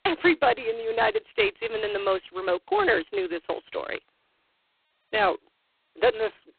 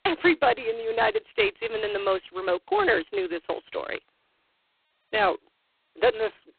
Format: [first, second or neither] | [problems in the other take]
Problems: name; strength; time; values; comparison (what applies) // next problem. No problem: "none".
neither | phone-call audio; poor line; nothing above 4 kHz; the same in both